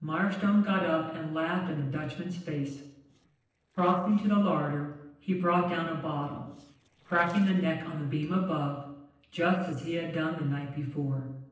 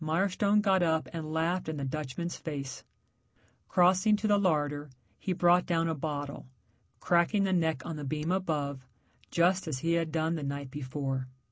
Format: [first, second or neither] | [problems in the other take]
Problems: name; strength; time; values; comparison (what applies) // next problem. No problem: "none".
second | noise reduction (neural separator model SepFormer DNS4)